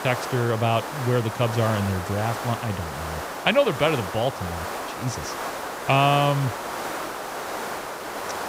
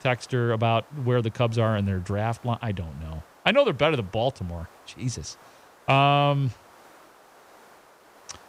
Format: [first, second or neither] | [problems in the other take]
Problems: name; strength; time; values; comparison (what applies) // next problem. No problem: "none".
second | hiss; loud; throughout; 7 dB below the speech; faint in the second